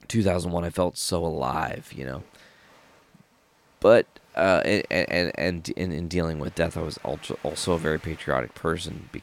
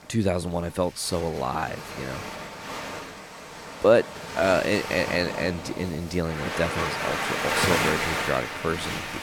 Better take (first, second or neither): first